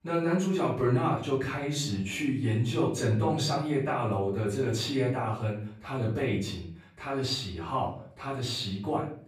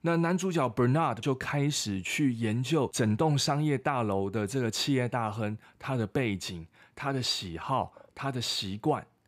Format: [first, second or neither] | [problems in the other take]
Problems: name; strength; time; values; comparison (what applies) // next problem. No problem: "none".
second | off-mic speech; far // room echo; noticeable; dies away in 0.5 s